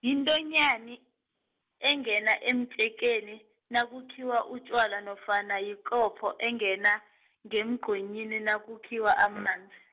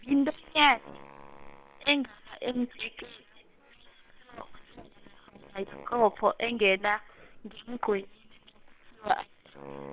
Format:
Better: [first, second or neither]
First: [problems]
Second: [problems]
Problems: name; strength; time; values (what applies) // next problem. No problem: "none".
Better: first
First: none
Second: noise reduction (neural separator model SepFormer WHAM!)